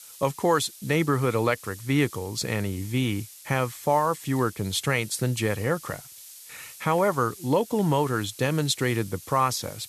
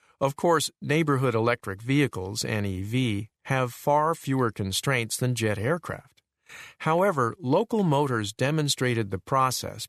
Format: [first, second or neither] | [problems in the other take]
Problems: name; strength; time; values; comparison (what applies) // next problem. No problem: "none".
second | hiss; noticeable; throughout; 15 dB below the speech